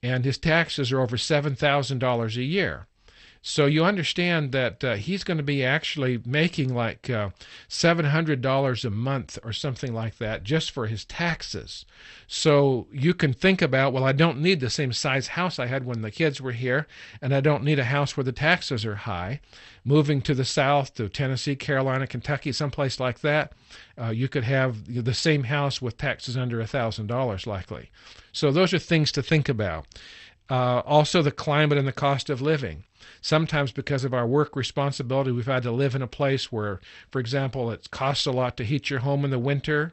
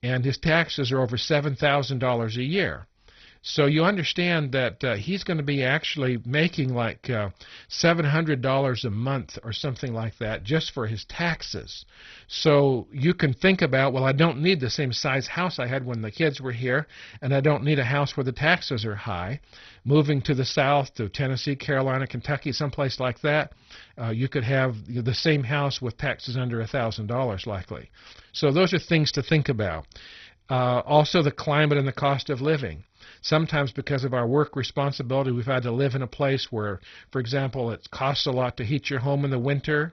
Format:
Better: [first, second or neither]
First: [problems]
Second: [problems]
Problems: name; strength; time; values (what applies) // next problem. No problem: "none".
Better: first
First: garbled, watery; slightly; nothing above 8 kHz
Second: garbled, watery; badly; nothing above 6 kHz